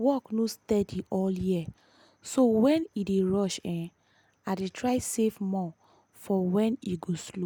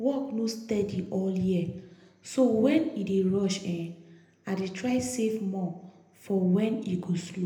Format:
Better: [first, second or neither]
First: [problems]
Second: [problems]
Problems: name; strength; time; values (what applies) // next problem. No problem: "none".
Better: first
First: none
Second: room echo; dies away in 0.7 s